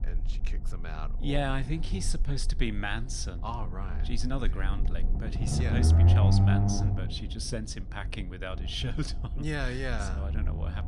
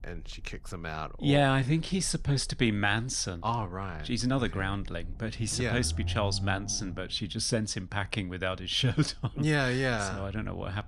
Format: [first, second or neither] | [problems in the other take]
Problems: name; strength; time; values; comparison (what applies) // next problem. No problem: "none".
second | low rumble; loud; throughout; 3 dB below the speech; faint in the second